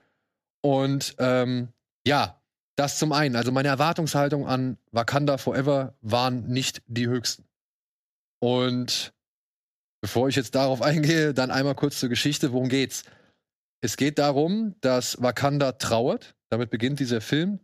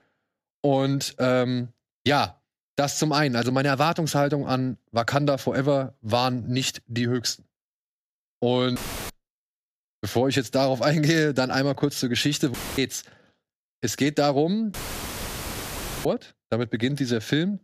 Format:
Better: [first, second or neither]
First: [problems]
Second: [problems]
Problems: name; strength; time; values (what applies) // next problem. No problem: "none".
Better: first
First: none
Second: audio cutting out; filled with static; at 9 s, at 13 s and at 15 s for 1.5 s